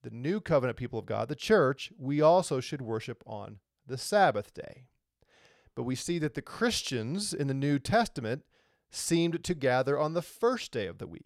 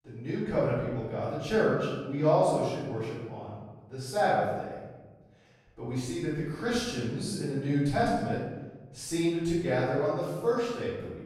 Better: first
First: none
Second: off-mic speech; far // room echo; strong; dies away in 1.2 s

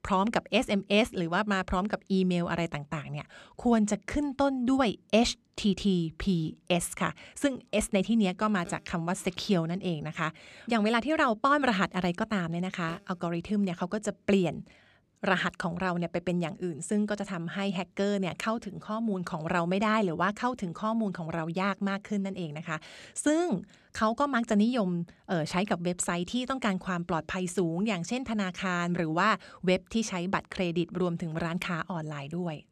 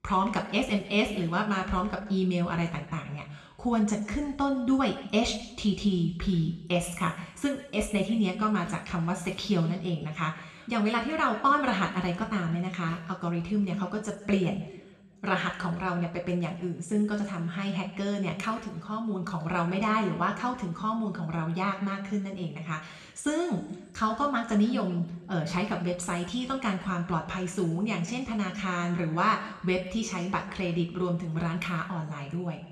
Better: first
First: none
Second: room echo; slight; dies away in 0.9 s // off-mic speech; somewhat distant

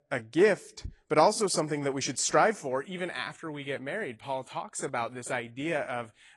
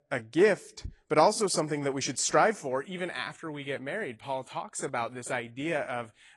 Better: neither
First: garbled, watery; slightly; nothing above 10 kHz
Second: garbled, watery; slightly; nothing above 10 kHz

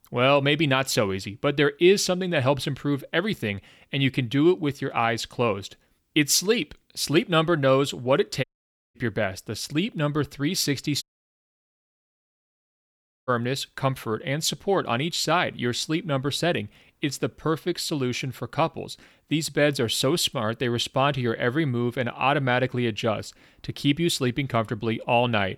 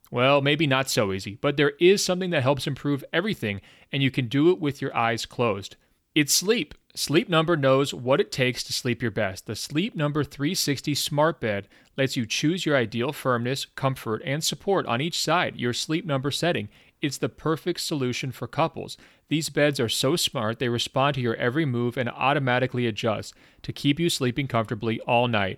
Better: second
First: audio cutting out; at 8.5 s for 0.5 s and at 11 s for 2.5 s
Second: none

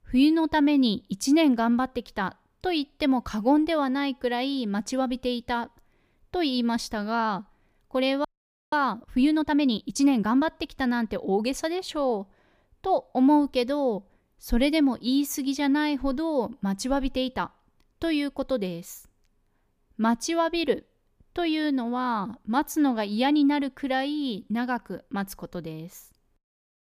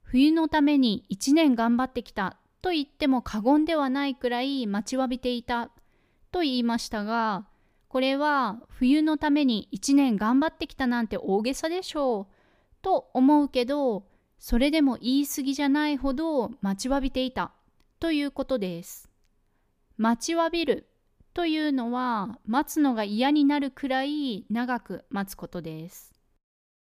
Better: second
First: audio freezing; at 8.5 s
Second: none

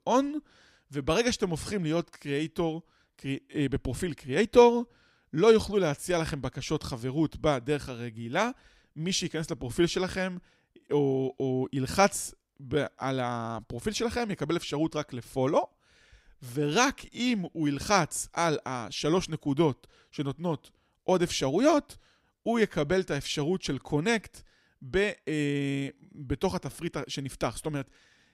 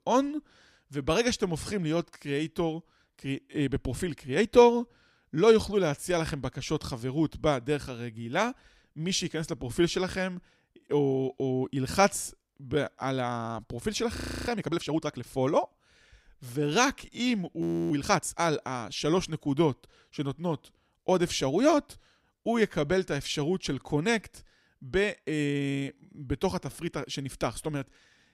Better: first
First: none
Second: audio freezing; at 14 s and at 18 s

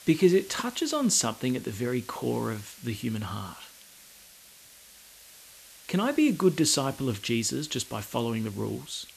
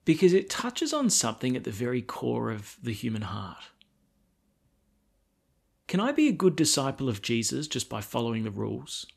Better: second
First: hiss; noticeable; throughout; 20 dB below the speech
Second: none

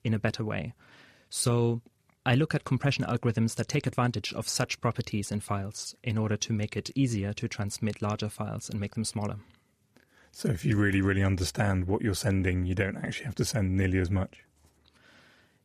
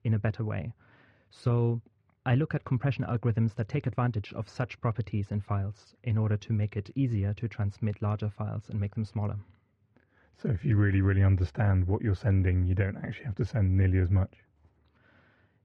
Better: first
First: none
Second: muffled; very; fading above 2 kHz

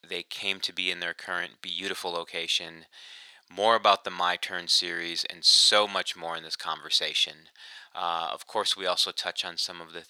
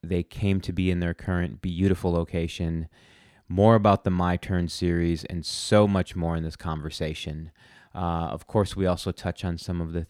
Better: second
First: thin; very; fading below 900 Hz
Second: none

